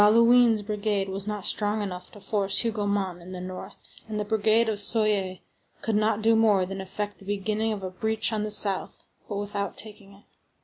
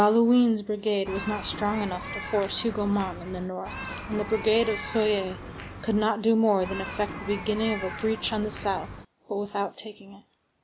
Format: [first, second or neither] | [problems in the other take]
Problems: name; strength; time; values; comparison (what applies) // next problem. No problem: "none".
first | background sound (Human group actions); 10 dB below the speech